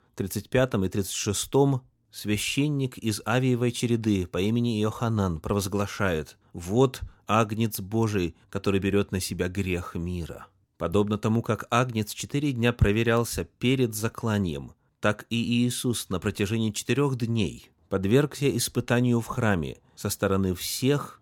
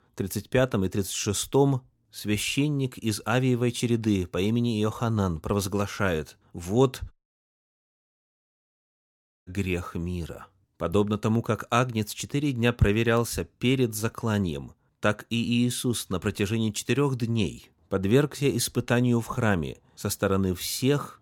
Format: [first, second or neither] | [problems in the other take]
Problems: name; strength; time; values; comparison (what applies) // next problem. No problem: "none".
first | audio cutting out; at 7 s for 2.5 s